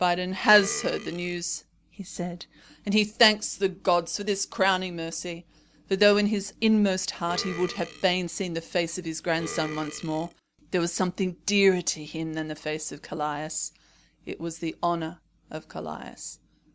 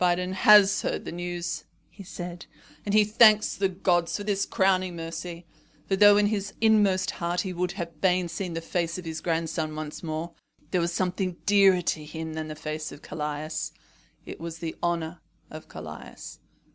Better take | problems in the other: second | background sound (Burping, eructation); 15 dB below the speech

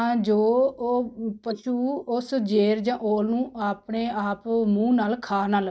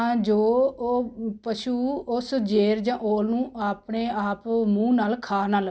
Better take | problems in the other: second | noise reduction (neural mask model DeepFilterNet 3)

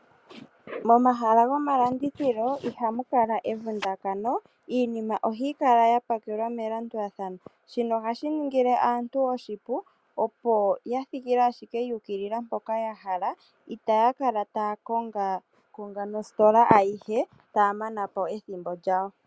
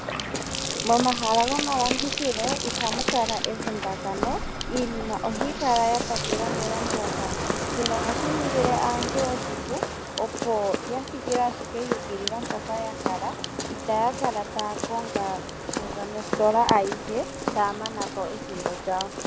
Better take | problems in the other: first | background sound (Walk, footsteps + Bathtub (filling or washing)); 2 dB below the speech

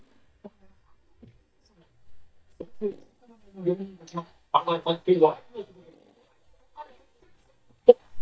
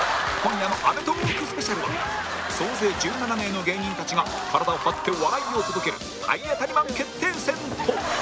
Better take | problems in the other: second | noise reduction (neural mask model DeepFilterNet 3)

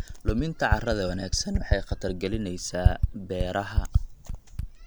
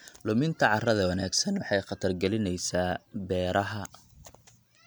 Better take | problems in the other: second | background sound (Typing); 3 dB above the speech

